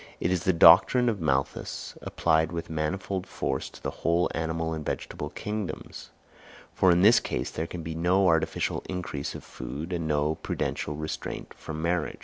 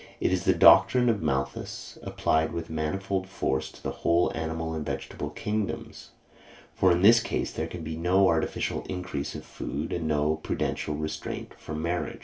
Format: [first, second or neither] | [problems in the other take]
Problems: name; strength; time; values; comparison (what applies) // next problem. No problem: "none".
first | room echo; dies away in 0.2 s